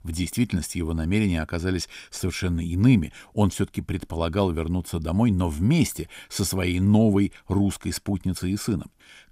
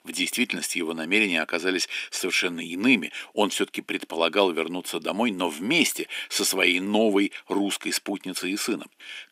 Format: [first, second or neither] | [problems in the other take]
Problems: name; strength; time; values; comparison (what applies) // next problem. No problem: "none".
first | thin; somewhat; fading below 300 Hz